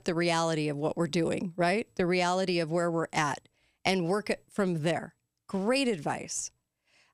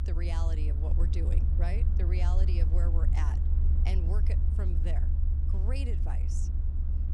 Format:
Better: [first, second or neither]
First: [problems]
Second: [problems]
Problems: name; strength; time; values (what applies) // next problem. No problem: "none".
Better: first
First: none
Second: low rumble; loud; throughout; 3 dB below the speech